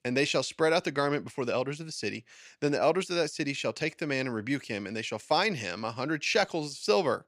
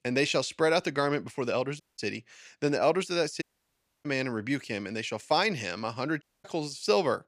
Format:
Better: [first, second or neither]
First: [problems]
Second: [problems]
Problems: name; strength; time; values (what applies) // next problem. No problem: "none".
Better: first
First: none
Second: audio cutting out; at 2 s, at 3.5 s for 0.5 s and at 6 s